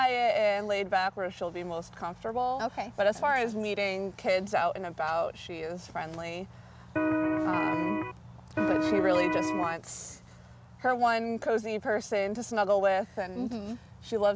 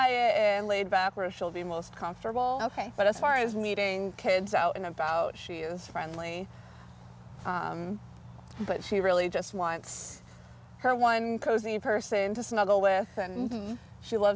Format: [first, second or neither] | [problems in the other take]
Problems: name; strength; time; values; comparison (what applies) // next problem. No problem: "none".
second | background sound (Electric guitar); 2 dB above the speech